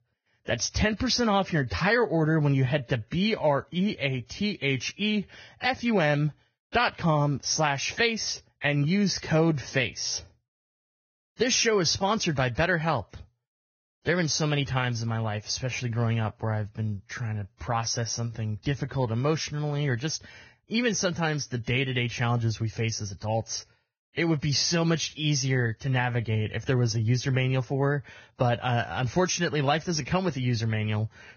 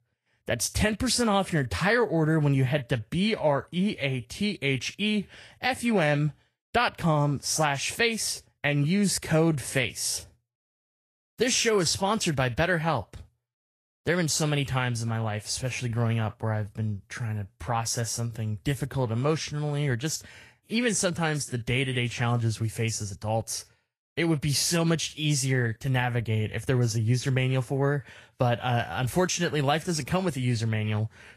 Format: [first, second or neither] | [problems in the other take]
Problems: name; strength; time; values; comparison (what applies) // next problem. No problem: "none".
second | garbled, watery; badly; nothing above 6.5 kHz; slightly in the second